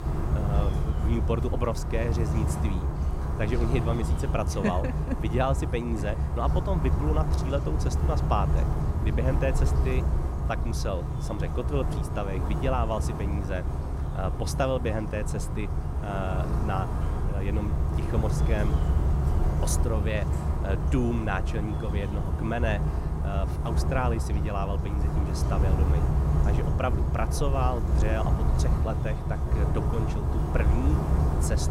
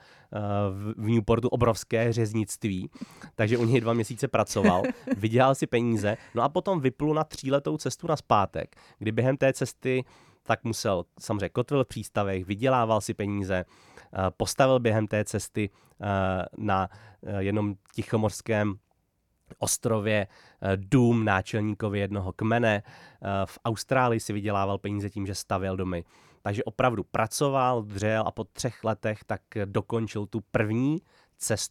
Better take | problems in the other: second | animal sounds; very loud; throughout; 5 dB above the speech

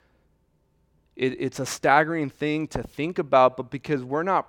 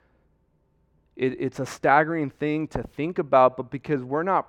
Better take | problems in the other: first | muffled; slightly; fading above 2.5 kHz

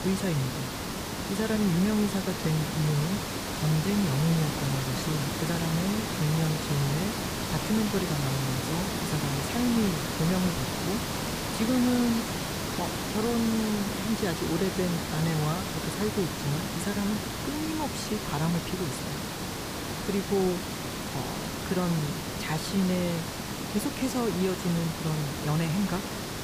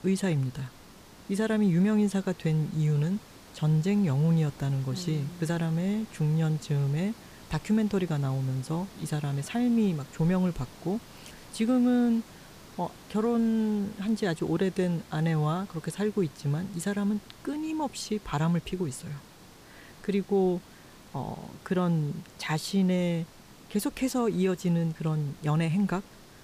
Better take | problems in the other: second | hiss; loud; throughout; 2 dB below the speech; faint in the second

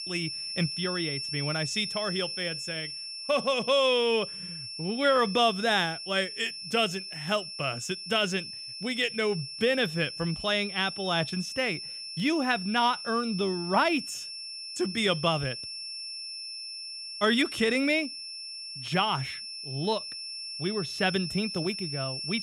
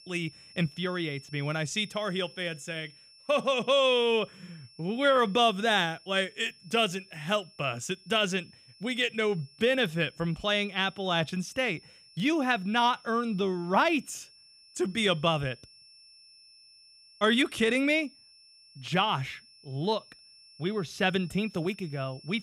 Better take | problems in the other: second | high-pitched whine; loud; throughout; 5.5 kHz, 7 dB below the speech; faint in the second

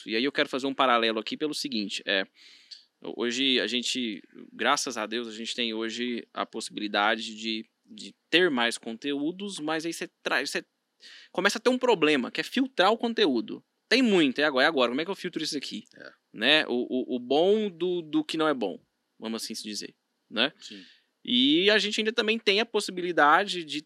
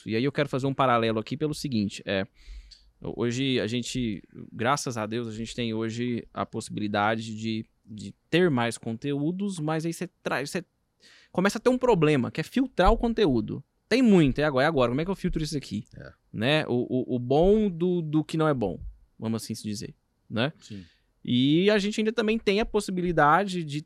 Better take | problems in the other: second | thin; very slightly; fading below 250 Hz

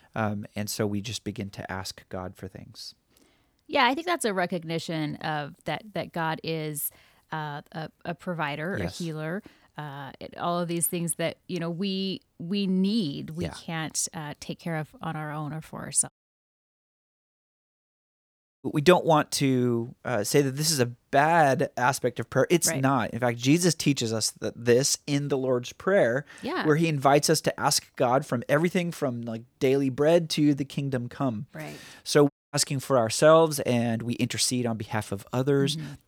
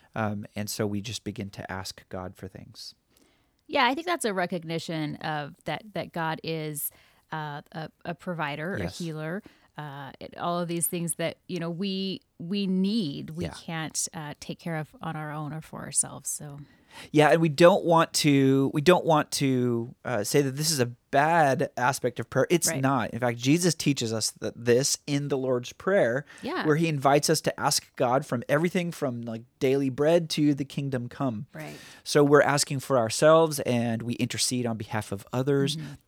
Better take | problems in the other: second | audio cutting out; at 16 s for 2.5 s and at 32 s

